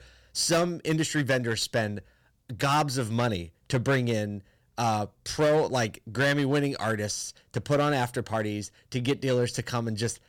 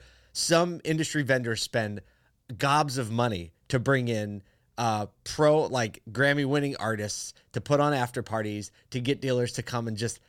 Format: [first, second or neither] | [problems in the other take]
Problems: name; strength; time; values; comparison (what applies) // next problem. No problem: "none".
second | distortion; slight; 5% of the sound clipped